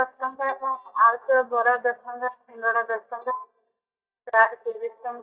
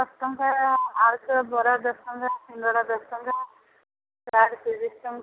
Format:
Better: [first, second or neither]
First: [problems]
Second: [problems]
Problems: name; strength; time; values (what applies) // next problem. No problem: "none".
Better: second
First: noise reduction (neural mask model DeepFilterNet 3)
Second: none